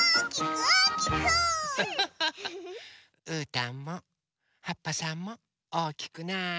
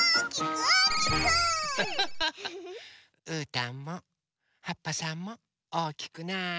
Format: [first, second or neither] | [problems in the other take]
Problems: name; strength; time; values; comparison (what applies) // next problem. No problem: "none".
first | background sound (Ringtone); 2 dB below the speech